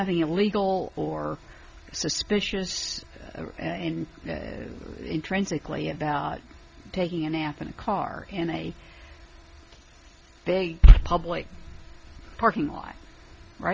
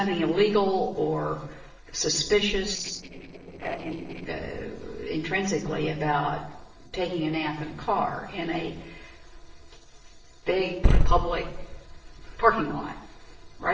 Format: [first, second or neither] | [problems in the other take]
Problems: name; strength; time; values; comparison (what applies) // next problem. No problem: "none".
first | noise reduction (neural separator model SepFormer DNS4)